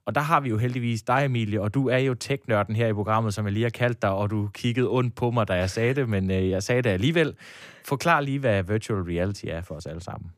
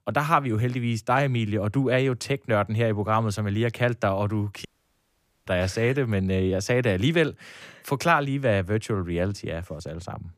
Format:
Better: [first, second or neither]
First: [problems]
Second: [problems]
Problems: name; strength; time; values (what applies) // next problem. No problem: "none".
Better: first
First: none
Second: audio cutting out; at 4.5 s for 1 s